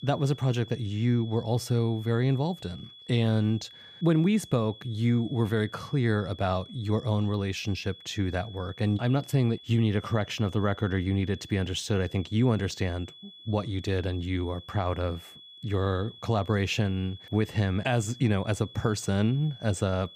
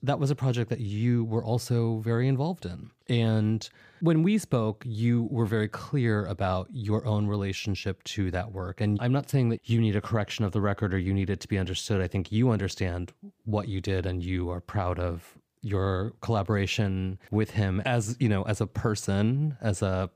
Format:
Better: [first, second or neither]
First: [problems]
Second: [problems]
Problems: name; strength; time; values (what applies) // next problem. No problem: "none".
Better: second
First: high-pitched whine; noticeable; throughout; 3.5 kHz, 20 dB below the speech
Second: none